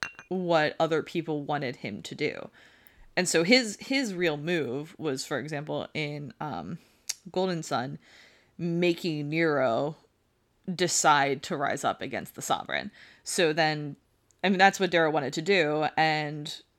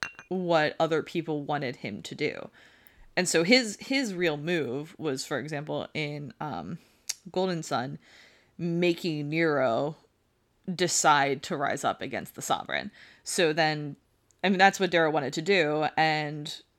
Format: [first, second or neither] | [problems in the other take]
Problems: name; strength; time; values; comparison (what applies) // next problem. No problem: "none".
neither | clattering dishes; noticeable; at the start; peak 10 dB below the speech; the same in both